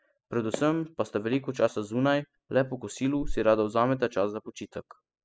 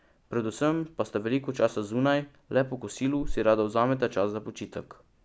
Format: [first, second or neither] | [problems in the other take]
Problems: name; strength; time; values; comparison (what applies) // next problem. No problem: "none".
second | noise reduction (classical method spectral subtraction)